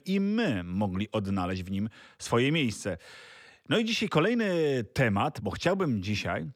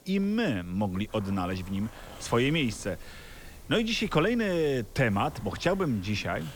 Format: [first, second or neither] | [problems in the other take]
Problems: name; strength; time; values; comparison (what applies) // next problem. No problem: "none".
first | hiss; noticeable; throughout; 20 dB below the speech